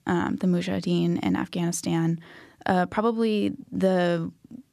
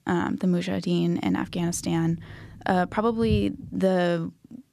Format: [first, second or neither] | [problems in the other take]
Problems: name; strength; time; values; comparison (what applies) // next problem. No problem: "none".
first | low rumble; faint; from 1.5 to 4 s; 25 dB below the speech